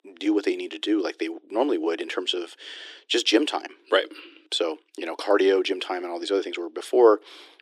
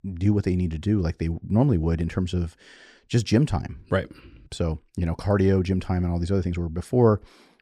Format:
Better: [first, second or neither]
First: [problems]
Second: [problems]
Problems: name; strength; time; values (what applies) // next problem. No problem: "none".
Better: second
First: thin; very; fading below 300 Hz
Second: none